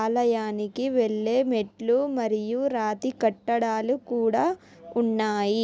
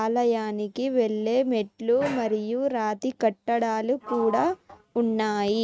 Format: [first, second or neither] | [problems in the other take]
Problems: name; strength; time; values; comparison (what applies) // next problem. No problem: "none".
first | noise reduction (neural mask model RNNoise)